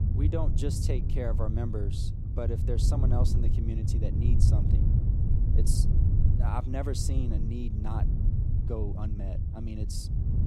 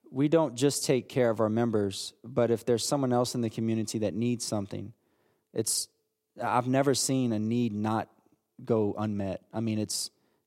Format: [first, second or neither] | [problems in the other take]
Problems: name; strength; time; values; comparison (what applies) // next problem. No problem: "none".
second | wind noise on the microphone; heavy; 3 dB below the speech